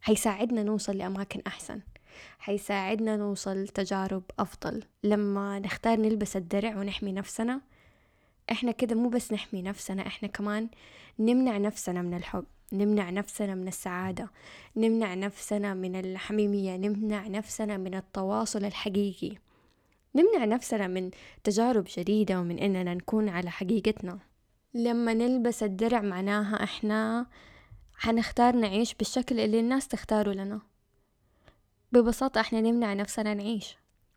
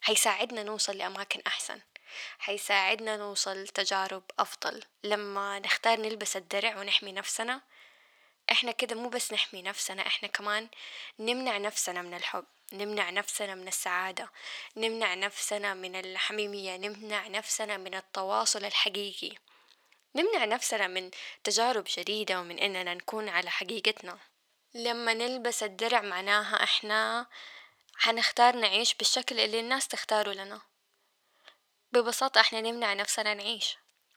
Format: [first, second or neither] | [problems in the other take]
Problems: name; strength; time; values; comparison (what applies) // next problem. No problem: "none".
first | thin; very; fading below 750 Hz